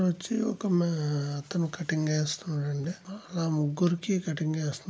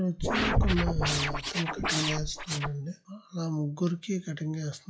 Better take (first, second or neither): first